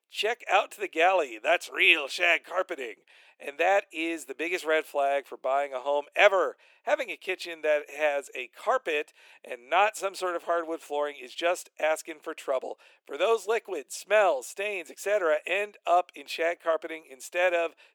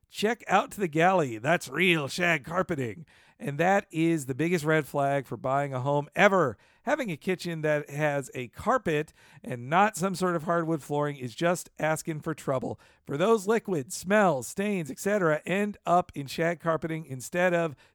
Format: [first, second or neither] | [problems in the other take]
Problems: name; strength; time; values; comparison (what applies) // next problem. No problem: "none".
second | thin; very; fading below 350 Hz